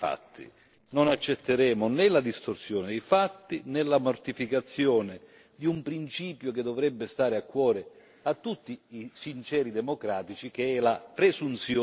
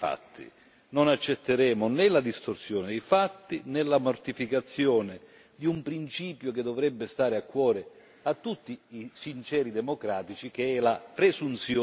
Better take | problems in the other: second | noise reduction (neural separator model SepFormer DNS4)

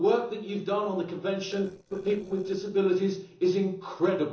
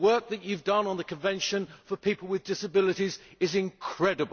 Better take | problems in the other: second | noise reduction (neural separator model SepFormer DNS4)

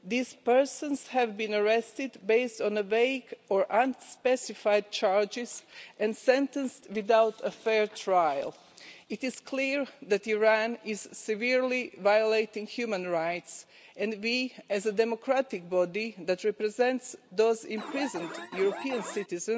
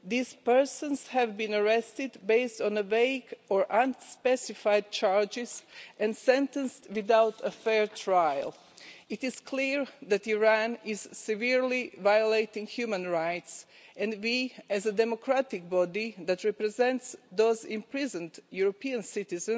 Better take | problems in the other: second | background sound (Alarm); 10 dB below the speech

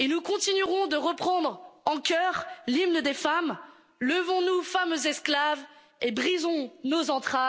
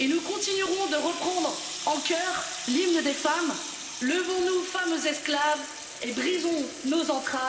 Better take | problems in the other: first | background sound (Sink (filling or washing) / Water tap, faucet); 9 dB below the speech // room echo; dies away in 1.9 s

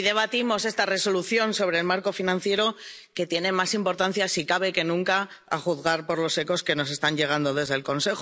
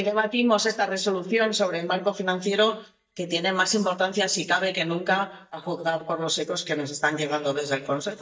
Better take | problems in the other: first | noise reduction (neural mask model DeepFilterNet 3)

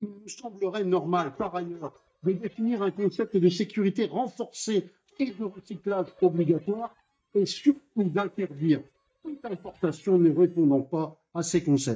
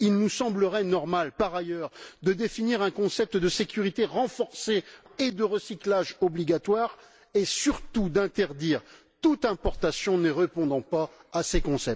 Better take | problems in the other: second | noise reduction (neural mask model DeepFilterNet 3)

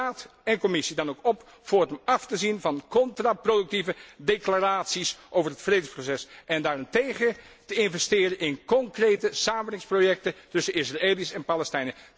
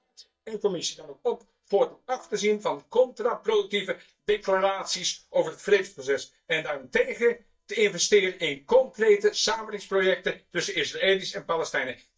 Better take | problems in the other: first | noise reduction (neural mask model DeepFilterNet 3)

